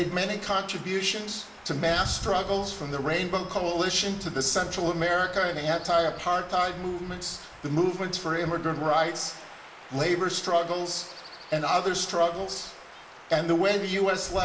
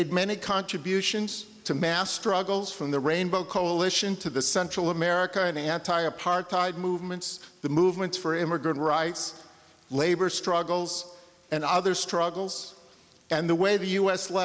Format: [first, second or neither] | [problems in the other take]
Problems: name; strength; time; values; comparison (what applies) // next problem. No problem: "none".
second | background sound (Stream / Chirp, tweet / Wind); 16 dB below the speech // room echo; dies away in 0.4 s